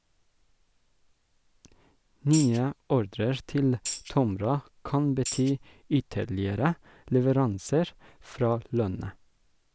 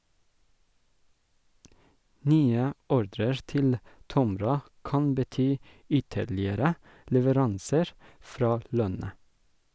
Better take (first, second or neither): second